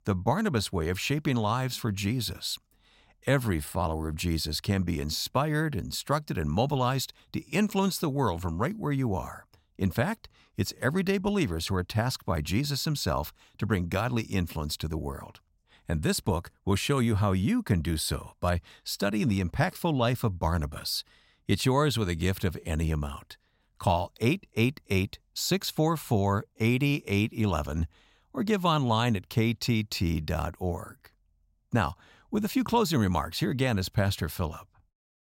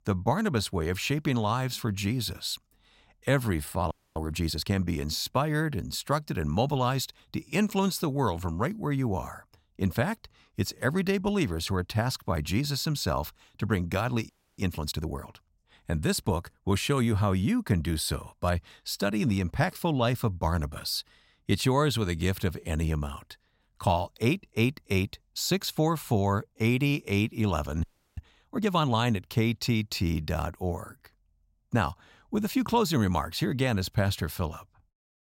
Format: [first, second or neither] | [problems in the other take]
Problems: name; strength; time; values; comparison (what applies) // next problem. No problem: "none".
first | audio freezing; at 4 s, at 14 s and at 28 s